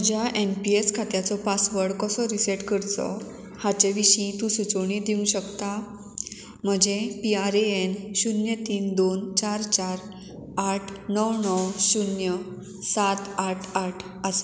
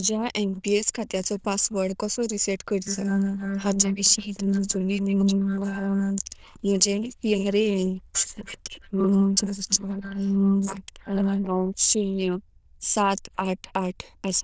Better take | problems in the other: first | noise reduction (neural diffusion model UNIVERSE++)

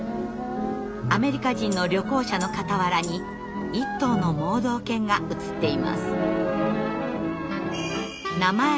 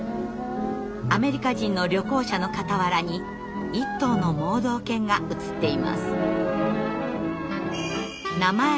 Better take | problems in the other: second | background sound (Tambourine + Wind instrument, woodwind instrument); 20 dB below the speech

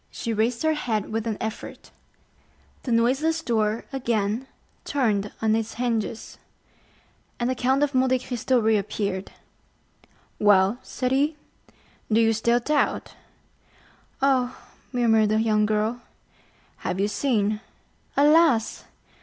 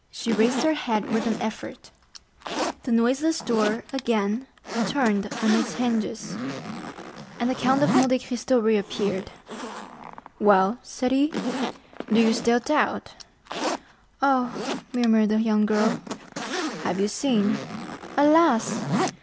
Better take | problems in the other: first | background sound (Zipper (clothing)); 7 dB below the speech

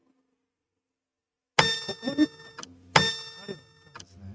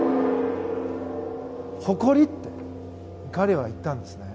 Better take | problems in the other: second | noise reduction (neural mask model RNNoise)

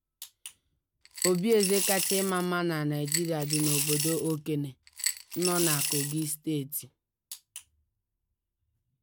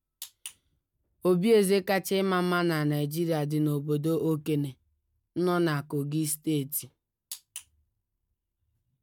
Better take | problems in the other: second | background sound (Coin (dropping) / Glass); 1 dB below the speech

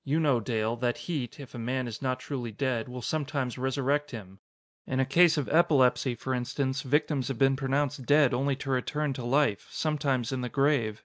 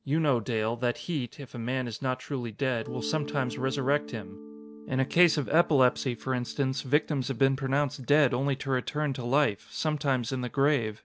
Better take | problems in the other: first | background sound (Mallet percussion); 18 dB below the speech

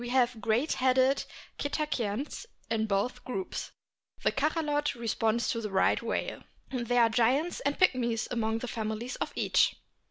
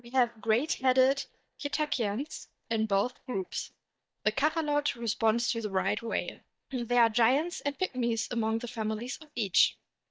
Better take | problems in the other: first | noise reduction (neural mask model DeepFilterNet 3)

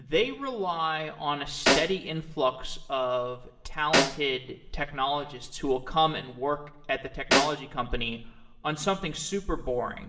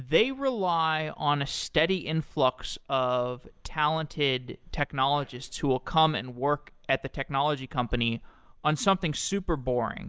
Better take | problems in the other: second | background sound (Snare drum); as loud as the speech // room echo; dies away in 0.8 s

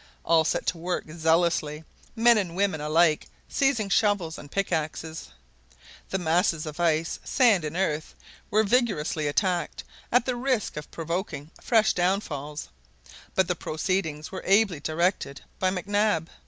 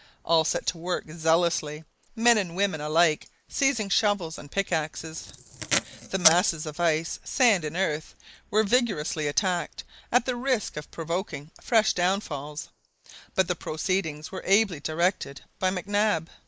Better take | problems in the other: first | noise reduction (neural mask model Resemble Enhance denoiser)

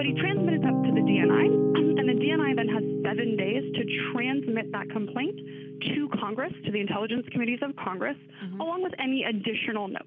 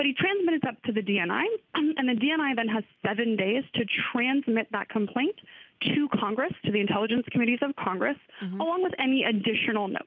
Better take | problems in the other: second | background sound (Piano); 1 dB above the speech

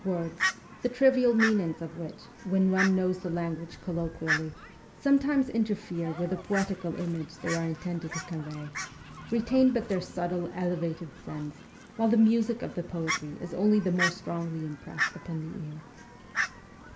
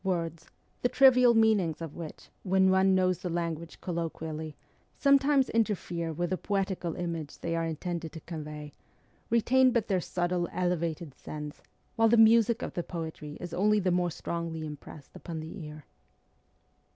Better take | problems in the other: second | background sound (Fowl); 9 dB below the speech // room echo; dies away in 1.5 s

